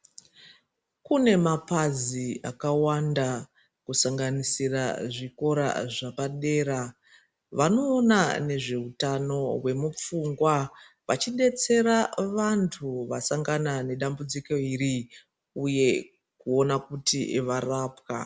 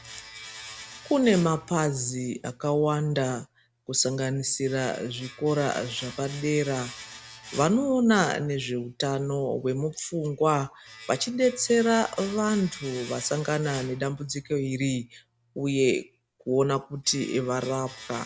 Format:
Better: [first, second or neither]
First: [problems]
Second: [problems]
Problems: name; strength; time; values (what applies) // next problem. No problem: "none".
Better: first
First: none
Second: background sound (Domestic sounds, home sounds); 19 dB below the speech